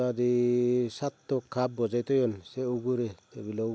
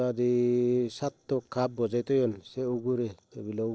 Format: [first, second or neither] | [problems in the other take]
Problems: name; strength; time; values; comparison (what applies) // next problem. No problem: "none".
first | noise reduction (neural separator model SepFormer DNS4)